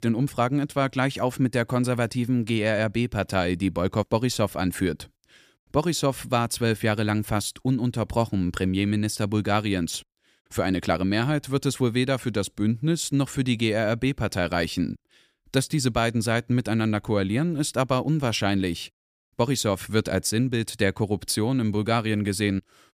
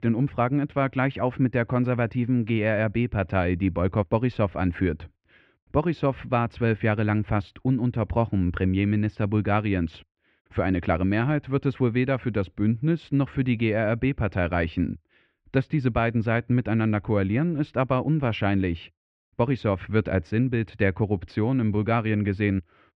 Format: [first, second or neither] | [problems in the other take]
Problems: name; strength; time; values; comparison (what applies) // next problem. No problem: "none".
first | muffled; very; fading above 2.5 kHz